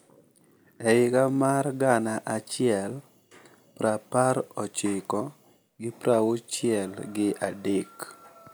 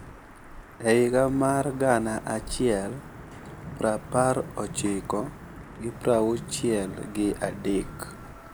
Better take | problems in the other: first | background sound (Thunder / Wind / Rain); 13 dB below the speech

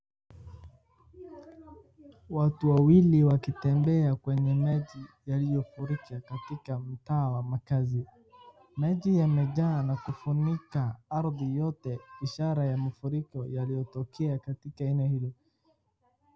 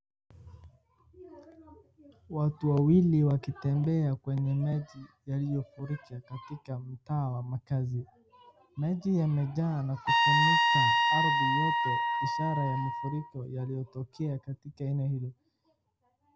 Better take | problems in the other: first | background sound (Trumpet); 4 dB above the speech

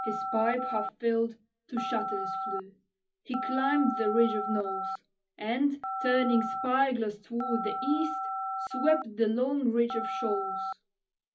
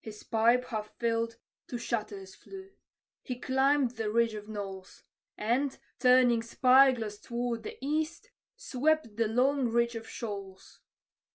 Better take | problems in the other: second | background sound (Telephone); 5 dB below the speech // room echo; dies away in 0.4 s

